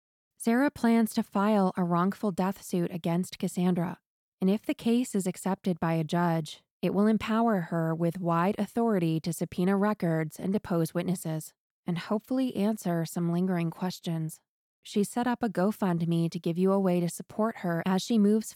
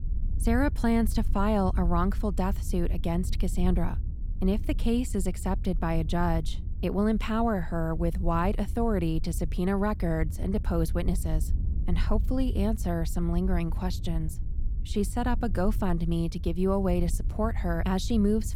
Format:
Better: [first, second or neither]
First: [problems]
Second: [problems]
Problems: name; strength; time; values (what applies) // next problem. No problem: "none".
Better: first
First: none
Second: wind noise on the microphone; occasional gusts; 20 dB below the speech